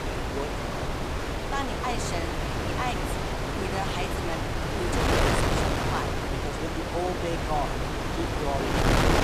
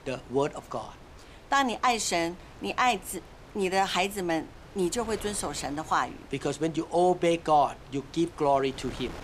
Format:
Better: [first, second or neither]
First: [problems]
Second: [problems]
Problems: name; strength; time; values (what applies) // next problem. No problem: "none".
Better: second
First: wind noise on the microphone; heavy; 5 dB above the speech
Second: wind noise on the microphone; occasional gusts; 20 dB below the speech